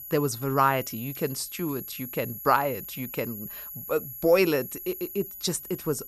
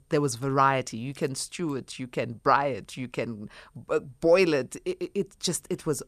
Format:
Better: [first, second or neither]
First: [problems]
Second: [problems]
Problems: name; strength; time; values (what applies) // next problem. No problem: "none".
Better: second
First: high-pitched whine; loud; throughout; 11.5 kHz, 10 dB below the speech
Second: none